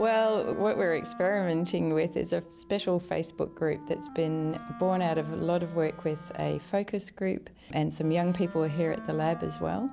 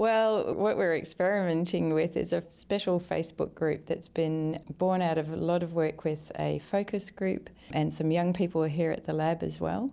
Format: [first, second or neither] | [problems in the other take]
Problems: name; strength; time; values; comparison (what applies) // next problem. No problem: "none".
second | background sound (Wind instrument, woodwind instrument); 16 dB below the speech